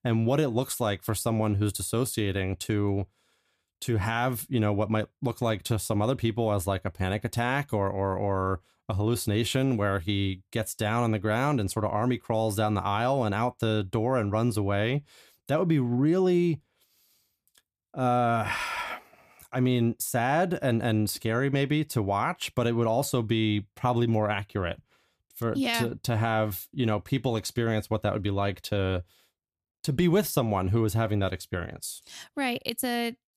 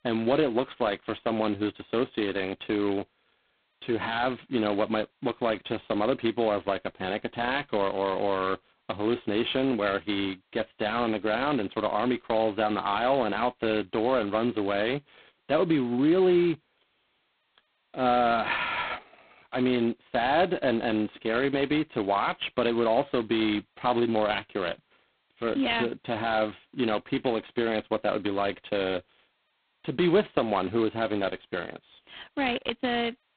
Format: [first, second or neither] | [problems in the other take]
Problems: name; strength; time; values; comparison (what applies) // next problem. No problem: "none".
first | phone-call audio; poor line; nothing above 4 kHz